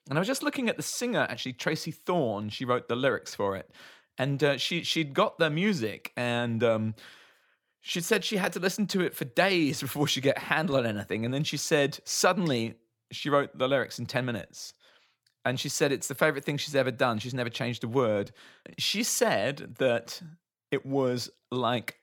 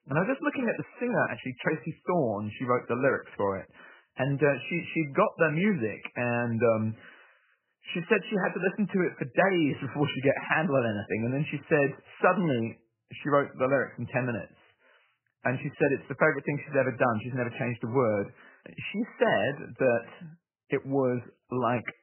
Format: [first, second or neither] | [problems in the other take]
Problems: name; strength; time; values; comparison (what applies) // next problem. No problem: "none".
first | garbled, watery; badly; nothing above 3 kHz